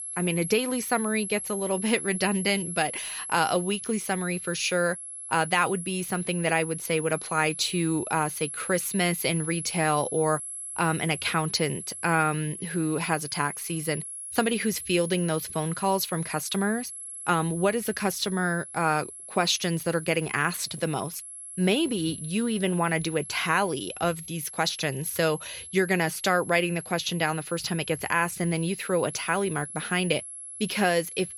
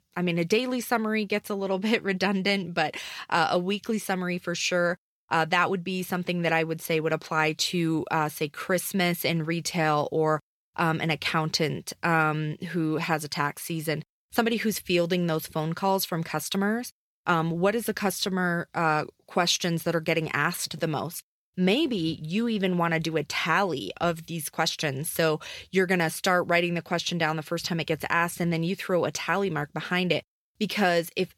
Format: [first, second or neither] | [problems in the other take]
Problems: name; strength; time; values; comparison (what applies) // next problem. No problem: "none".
second | high-pitched whine; loud; throughout; 11 kHz, 9 dB below the speech